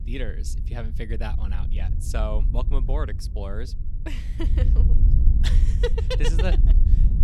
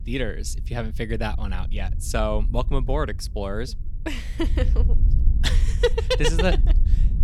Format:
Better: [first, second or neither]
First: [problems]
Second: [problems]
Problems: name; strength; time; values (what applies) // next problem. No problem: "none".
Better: second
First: wind noise on the microphone; heavy; 8 dB below the speech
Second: wind noise on the microphone; occasional gusts; 15 dB below the speech